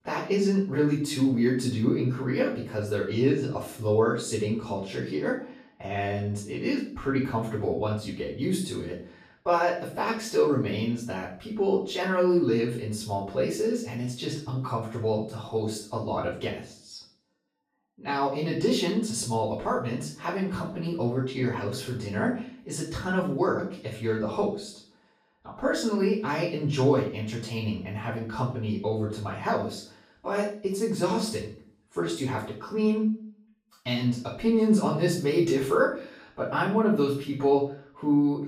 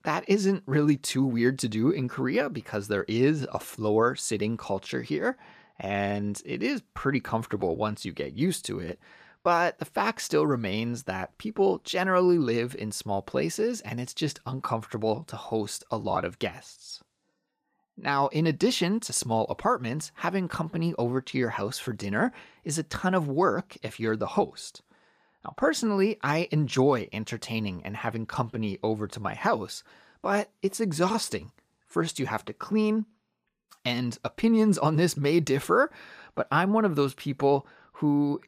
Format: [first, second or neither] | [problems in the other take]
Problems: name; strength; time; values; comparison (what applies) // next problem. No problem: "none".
second | off-mic speech; far // room echo; noticeable; dies away in 0.4 s